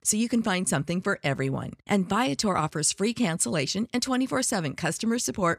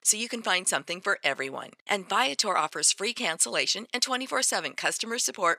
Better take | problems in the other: first | thin; very; fading below 550 Hz

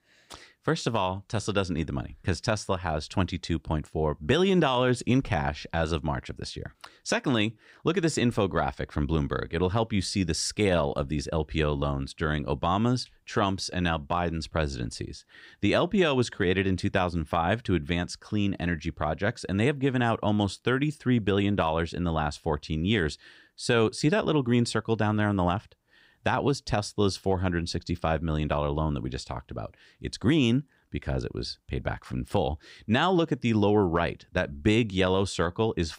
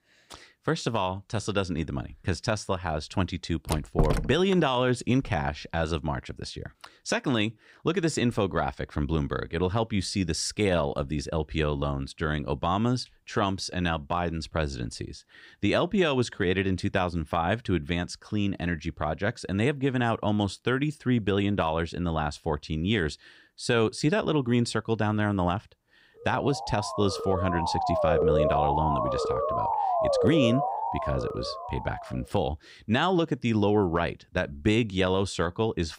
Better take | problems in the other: first | door banging; noticeable; at 3.5 s; peak 1 dB below the speech // siren; loud; from 26 to 32 s; peak 4 dB above the speech

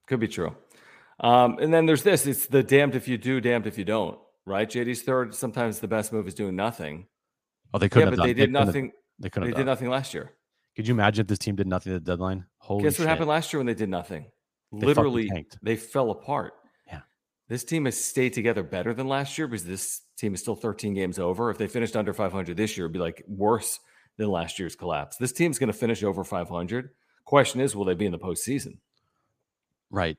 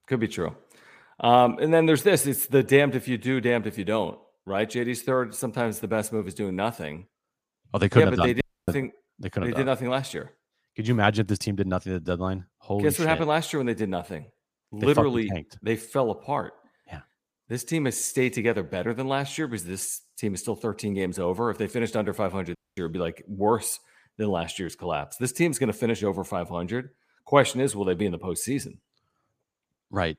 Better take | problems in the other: first | audio cutting out; at 8.5 s and at 23 s

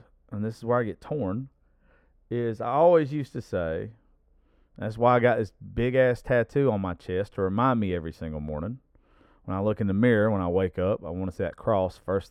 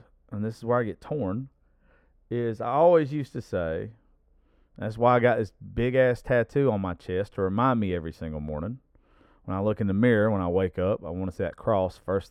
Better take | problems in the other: neither | muffled; slightly; fading above 2.5 kHz; the same in both

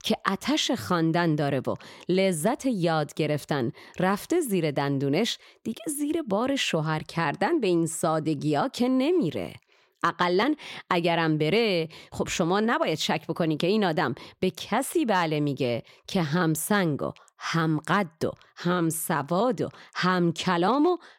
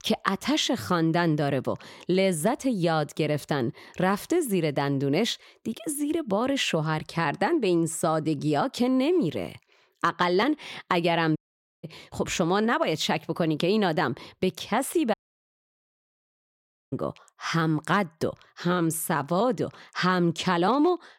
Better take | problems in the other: first | audio cutting out; at 11 s and at 15 s for 2 s

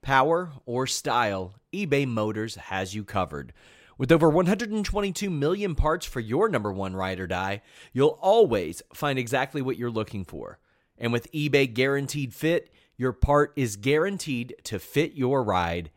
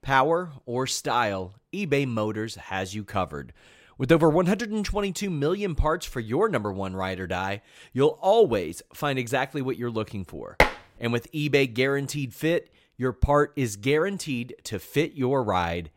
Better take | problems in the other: first | clattering dishes; loud; at 11 s; peak 3 dB above the speech

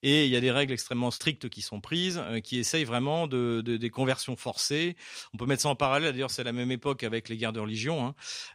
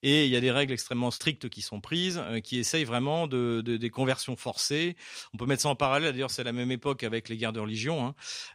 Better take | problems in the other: neither | none

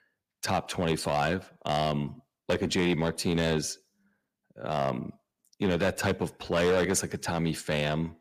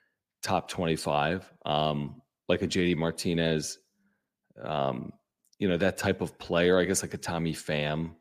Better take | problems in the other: second | distortion; slight; 4% of the sound clipped

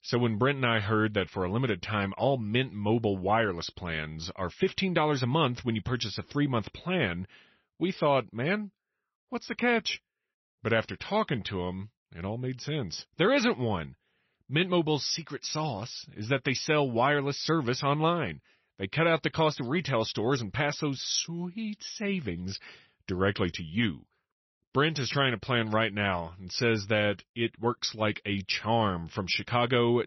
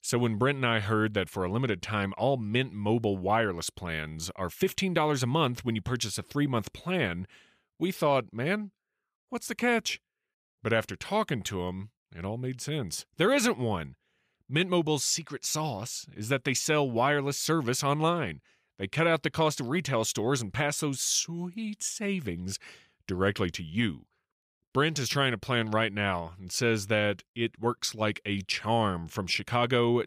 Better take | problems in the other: second | garbled, watery; slightly; nothing above 6 kHz

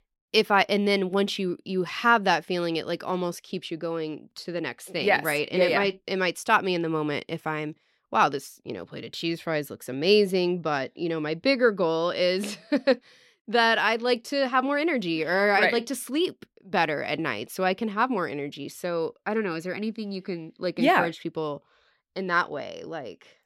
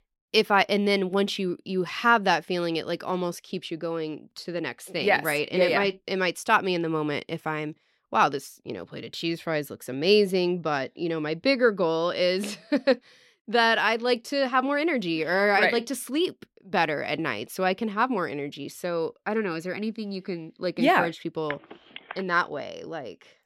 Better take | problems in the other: first | phone ringing; faint; at 22 s; peak 15 dB below the speech

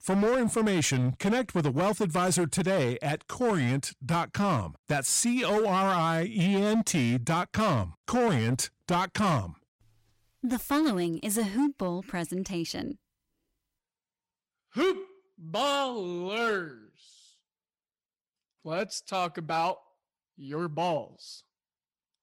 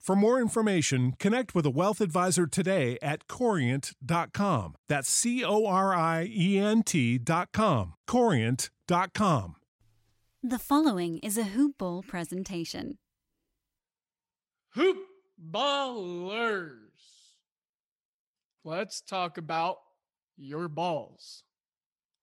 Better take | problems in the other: second | distortion; slight; 10% of the sound clipped

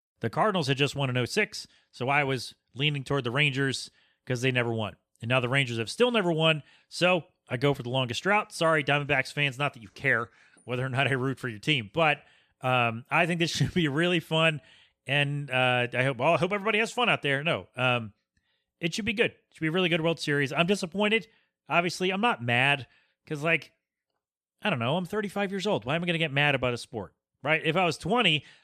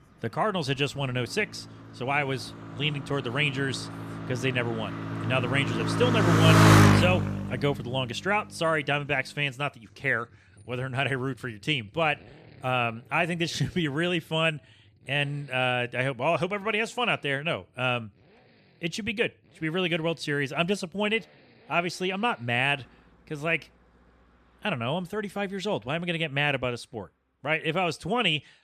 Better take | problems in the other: first | traffic noise; very loud; throughout; 3 dB above the speech

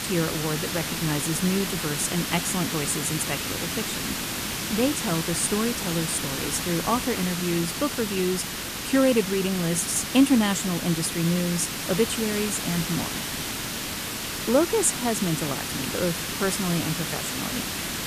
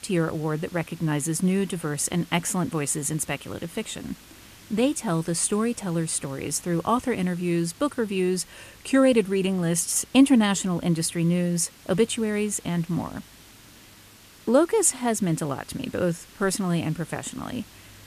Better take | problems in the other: second | hiss; loud; throughout; 2 dB below the speech; faint in the second

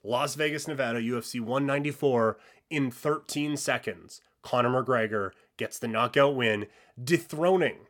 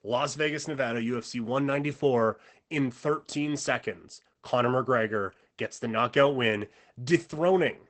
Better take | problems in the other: first | garbled, watery; badly; nothing above 8 kHz

